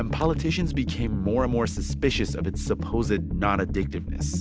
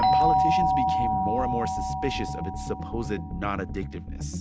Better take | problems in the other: first | background sound (Doorbell); 4 dB above the speech

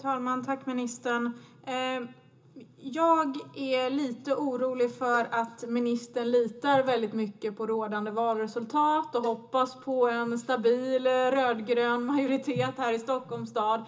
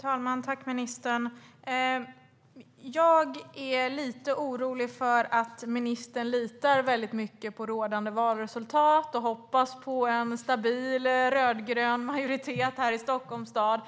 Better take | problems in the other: second | background sound (Cowbell); 14 dB below the speech // room echo; dies away in 0.2 s

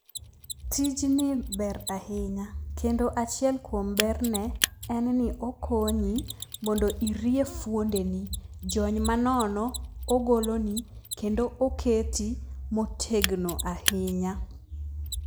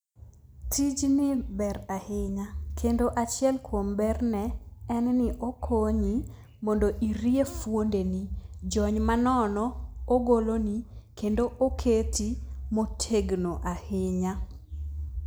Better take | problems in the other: second | background sound (Mechanisms); 11 dB below the speech

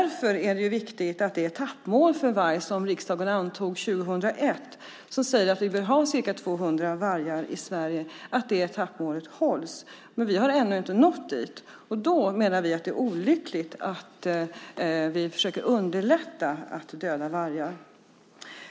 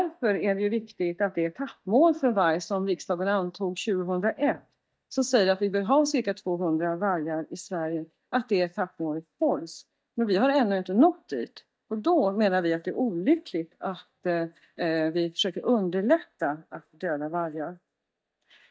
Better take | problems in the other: first | noise reduction (neural mask model DeepFilterNet 3)

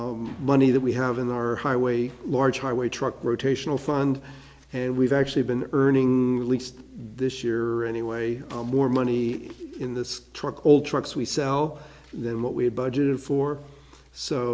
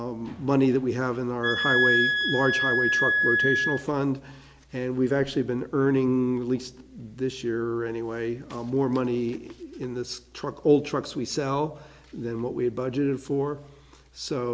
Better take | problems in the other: first | background sound (Wind instrument, woodwind instrument); 2 dB above the speech

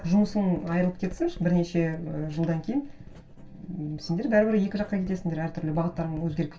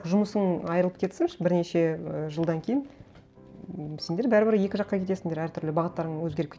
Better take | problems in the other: second | background sound (Writing); 16 dB below the speech // room echo; dies away in 0.2 s

